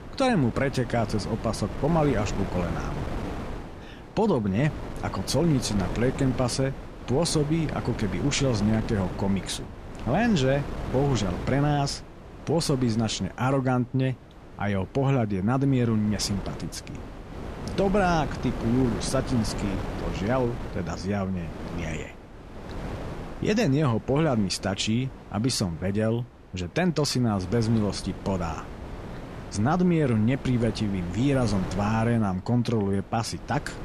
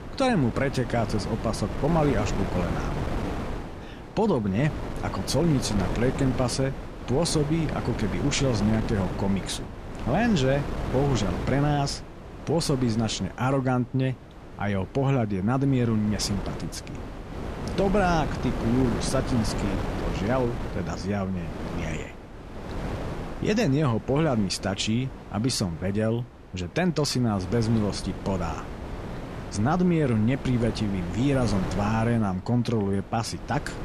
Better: first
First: wind noise on the microphone; occasional gusts; 10 dB below the speech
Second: wind noise on the microphone; heavy; 8 dB below the speech

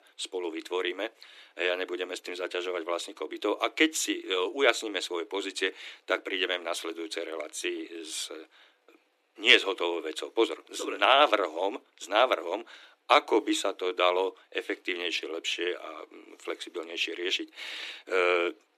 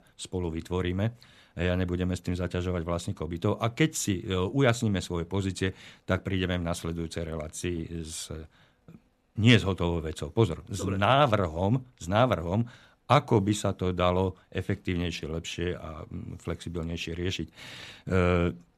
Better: second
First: thin; very; fading below 300 Hz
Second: none

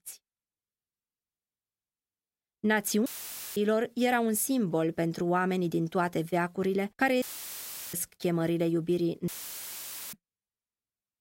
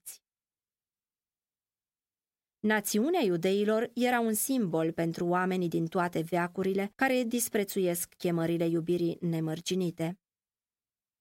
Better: second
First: audio cutting out; filled with static; at 3 s for 0.5 s, at 7 s for 0.5 s and at 9.5 s for 1 s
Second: none

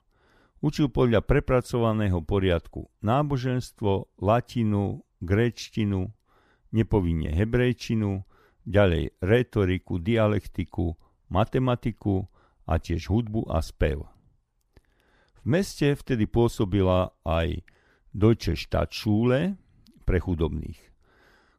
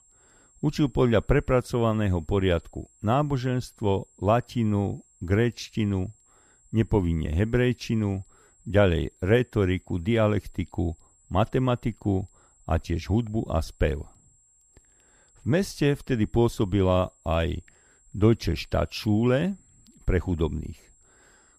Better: first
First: none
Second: high-pitched whine; faint; throughout; 7.5 kHz, 30 dB below the speech

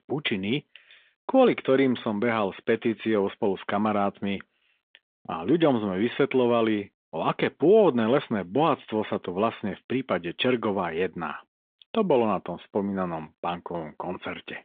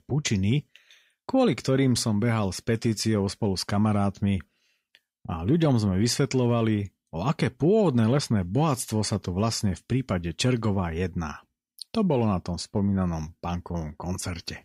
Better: second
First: phone-call audio; nothing above 3.5 kHz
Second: none

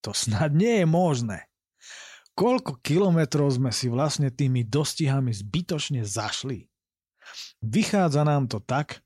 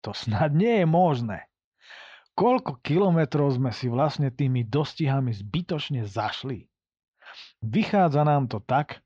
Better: first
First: none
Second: muffled; slightly; fading above 4 kHz

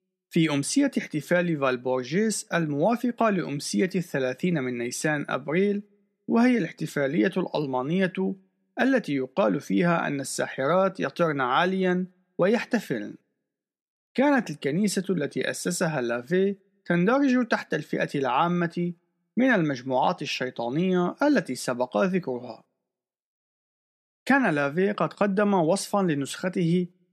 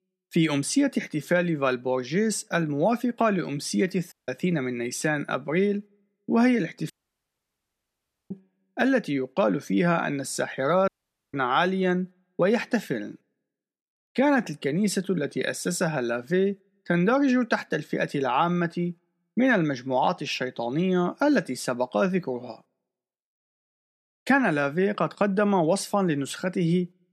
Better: first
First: none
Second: audio cutting out; at 4 s, at 7 s for 1.5 s and at 11 s

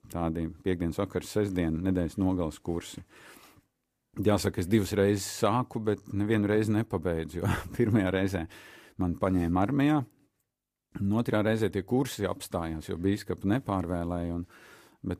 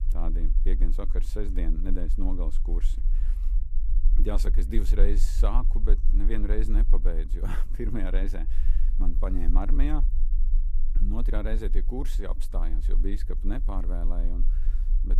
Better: first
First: none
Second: low rumble; noticeable; throughout; 15 dB below the speech

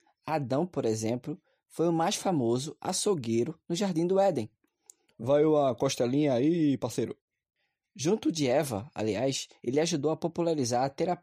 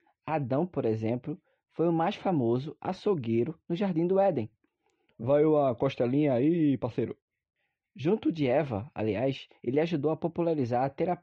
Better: first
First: none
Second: muffled; very; fading above 3 kHz

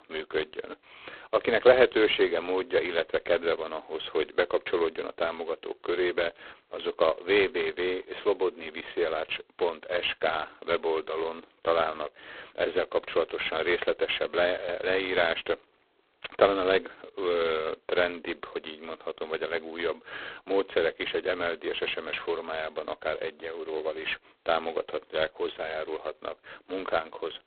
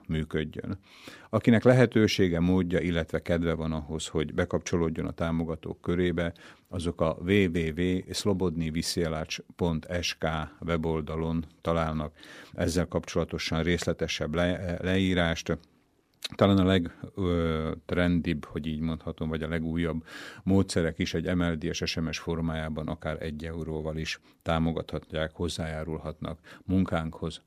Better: second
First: phone-call audio; poor line; nothing above 4 kHz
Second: none

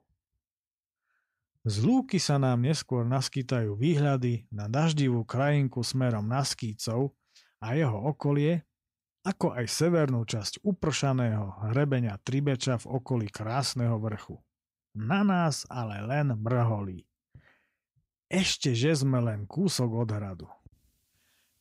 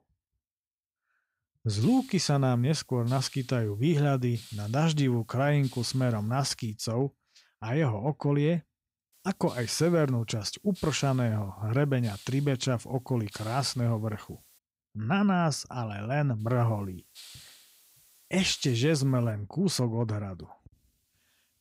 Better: first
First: none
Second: hiss; faint; from 2 to 6.5 s, from 9 to 15 s and from 16 to 19 s; 20 dB below the speech

